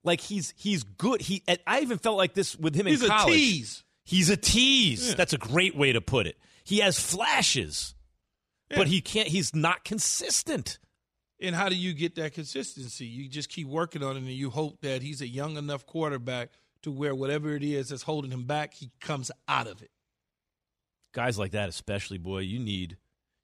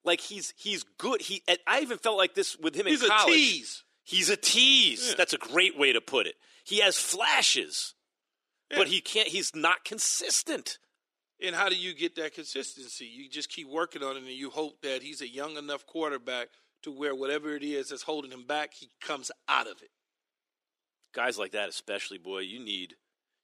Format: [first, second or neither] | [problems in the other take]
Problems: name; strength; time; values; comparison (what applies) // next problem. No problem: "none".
first | thin; somewhat; fading below 300 Hz